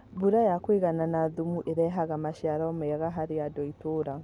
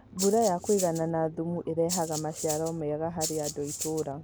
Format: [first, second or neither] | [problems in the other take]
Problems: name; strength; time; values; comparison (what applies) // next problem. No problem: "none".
first | background sound (Rattle (instrument)); 8 dB below the speech